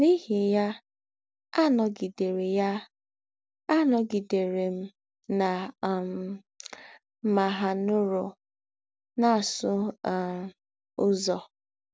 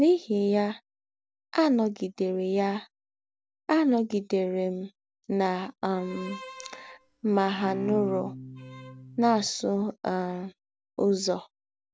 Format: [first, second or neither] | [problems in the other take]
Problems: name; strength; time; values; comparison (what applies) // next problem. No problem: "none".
first | background sound (Bowed string instrument); 13 dB below the speech